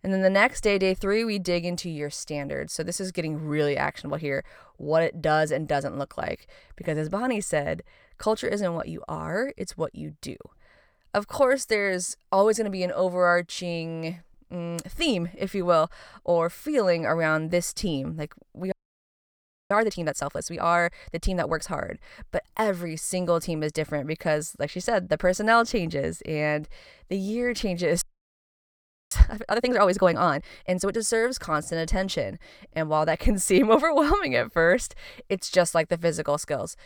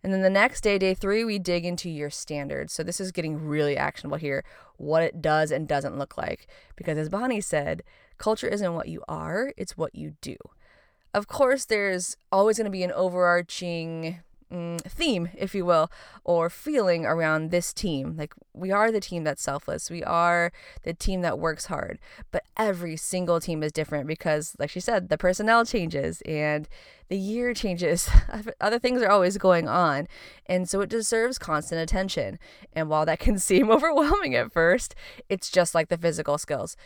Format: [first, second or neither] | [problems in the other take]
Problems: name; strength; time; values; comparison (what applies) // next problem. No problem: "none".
second | audio freezing; at 19 s for 1 s and at 28 s for 1 s